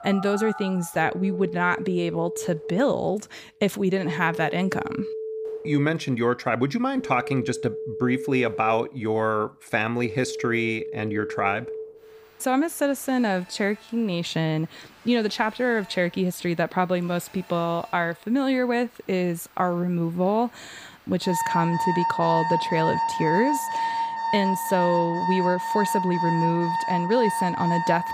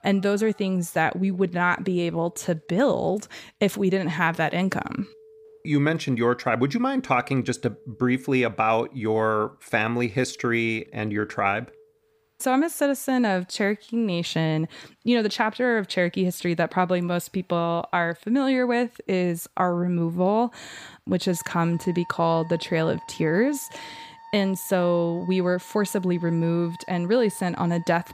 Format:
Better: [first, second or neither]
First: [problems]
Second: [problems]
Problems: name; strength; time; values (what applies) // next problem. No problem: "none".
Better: second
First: alarms or sirens; loud; throughout; 4 dB below the speech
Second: alarms or sirens; faint; throughout; 25 dB below the speech